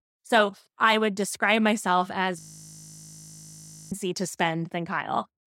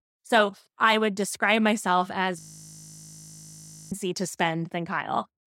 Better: neither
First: audio freezing; at 2.5 s for 1.5 s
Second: audio freezing; at 2.5 s for 1.5 s

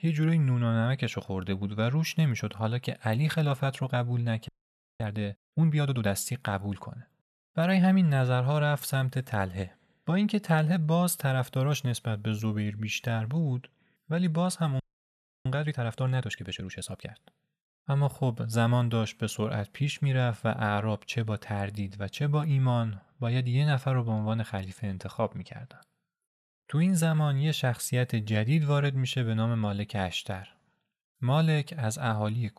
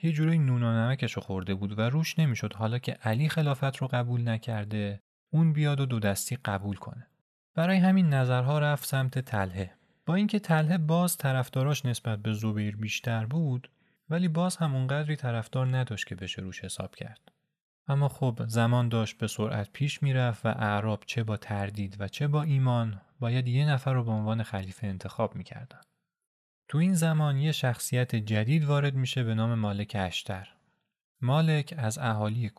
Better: second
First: audio freezing; at 4.5 s for 0.5 s and at 15 s for 0.5 s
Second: none

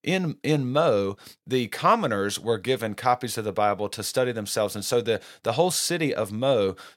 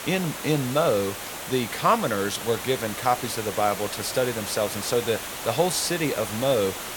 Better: first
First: none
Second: hiss; loud; throughout; 7 dB below the speech

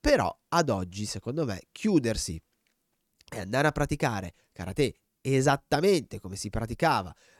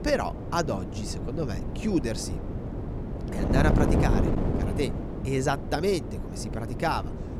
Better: first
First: none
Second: wind noise on the microphone; heavy; 5 dB below the speech

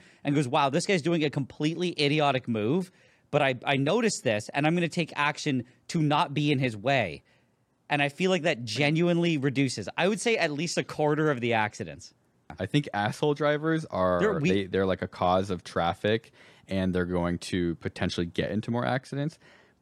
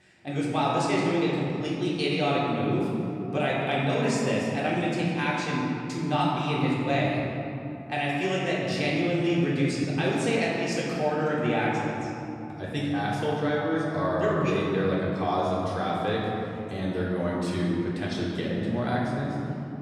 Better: first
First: none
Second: room echo; strong; dies away in 2.9 s // off-mic speech; far

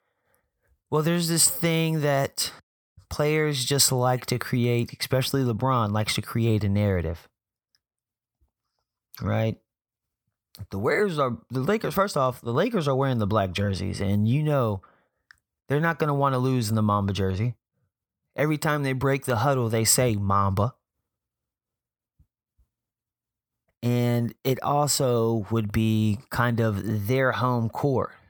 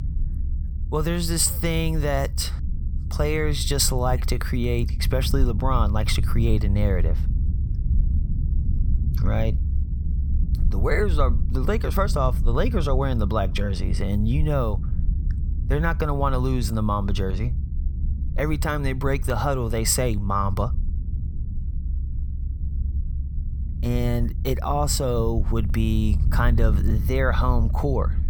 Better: first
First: none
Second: low rumble; noticeable; throughout; 15 dB below the speech

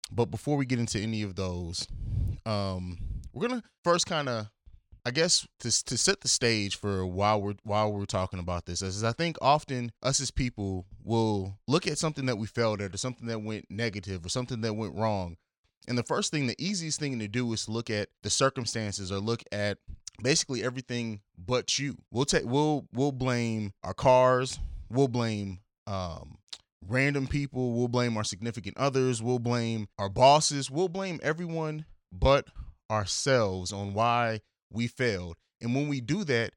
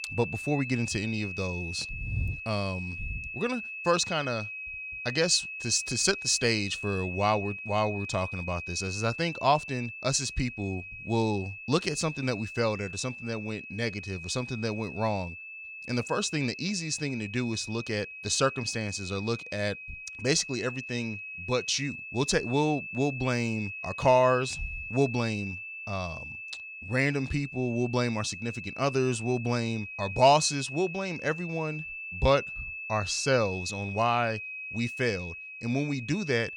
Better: first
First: none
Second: high-pitched whine; loud; throughout; 2.5 kHz, 8 dB below the speech

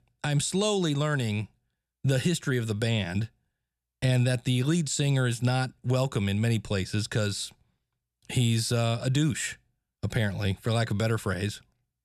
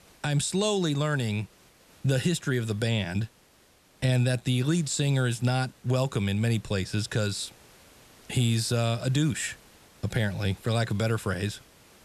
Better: first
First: none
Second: hiss; faint; throughout; 25 dB below the speech

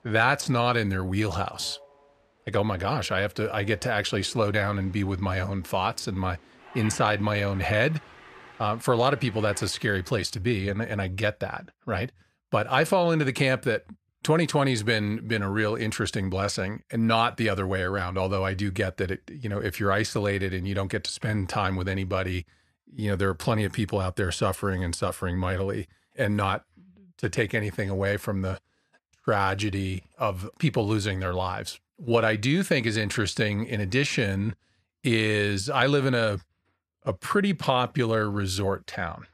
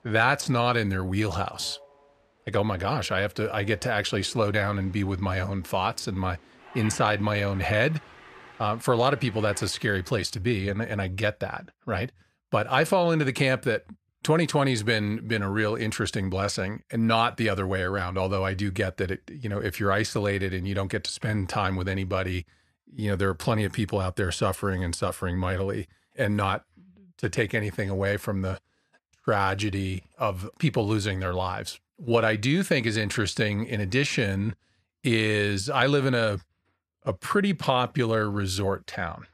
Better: neither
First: train or aircraft noise; faint; until 10 s; 20 dB below the speech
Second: train or aircraft noise; faint; until 10 s; 20 dB below the speech

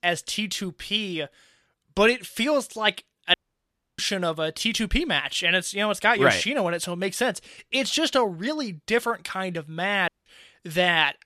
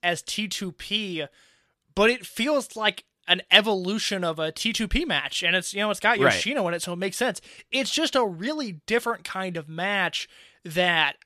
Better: second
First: audio cutting out; at 3.5 s for 0.5 s and at 10 s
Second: none

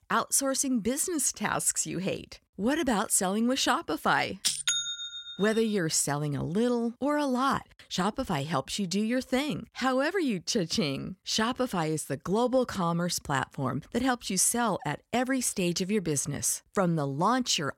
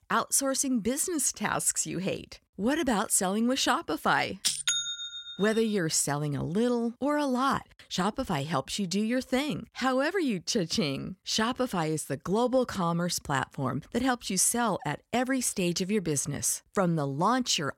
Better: neither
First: none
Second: none

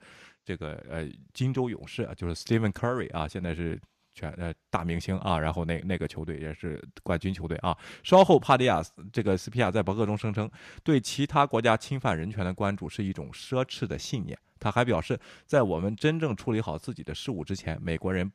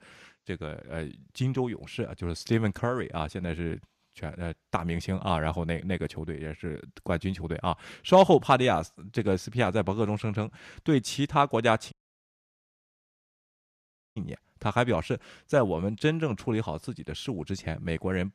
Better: first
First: none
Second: audio cutting out; at 12 s for 2 s

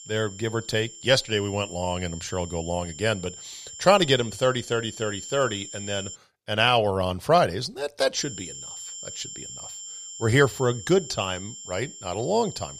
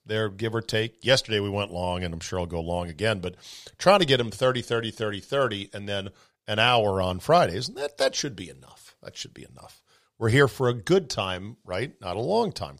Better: second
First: high-pitched whine; noticeable; until 6 s and from 8 s on; 7.5 kHz, 15 dB below the speech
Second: none

